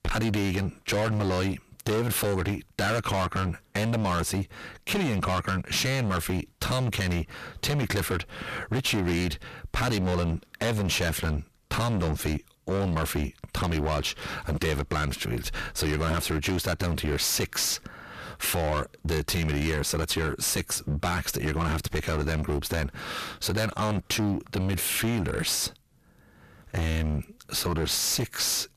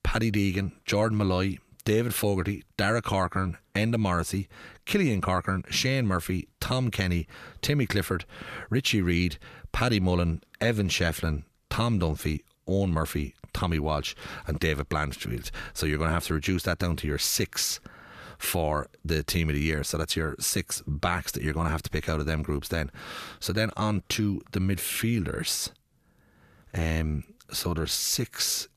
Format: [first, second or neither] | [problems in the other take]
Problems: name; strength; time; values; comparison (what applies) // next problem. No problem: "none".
second | distortion; heavy; 24% of the sound clipped